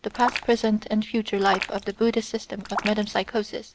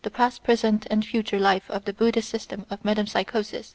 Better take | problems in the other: second | background sound (Raindrop); 10 dB below the speech

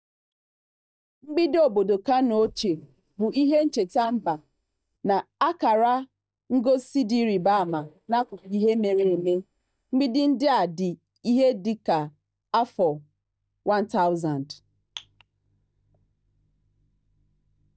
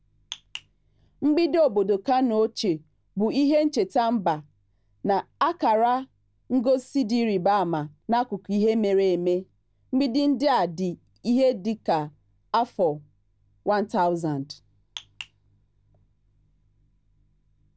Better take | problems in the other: second | noise reduction (neural mask model DeepFilterNet 3)

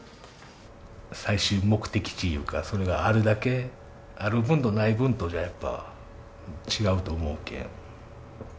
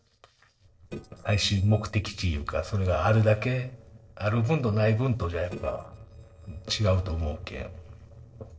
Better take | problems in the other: first | noise reduction (neural separator model SepFormer DNS4)

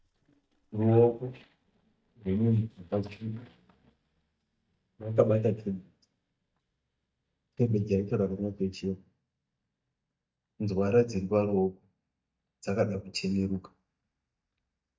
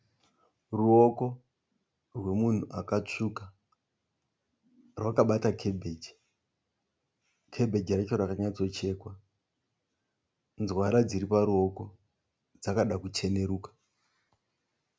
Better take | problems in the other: second | noise reduction (neural mask model DeepFilterNet 3)

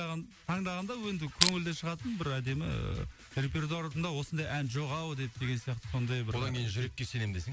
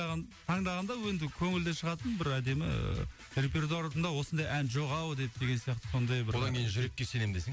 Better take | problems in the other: second | noise reduction (neural mask model Resemble Enhance denoiser)

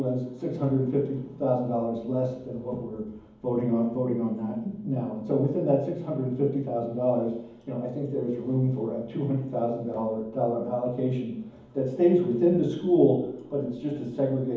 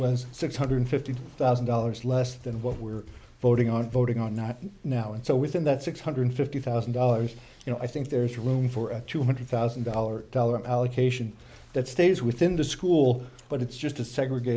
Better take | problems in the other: second | room echo; dies away in 1.2 s

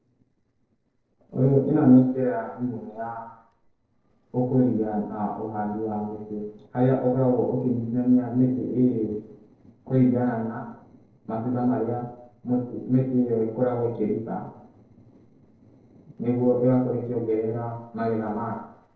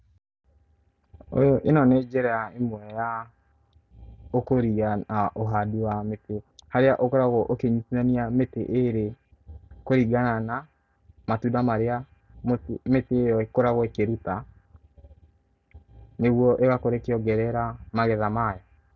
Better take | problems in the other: second | noise reduction (neural separator model SepFormer DNS4)

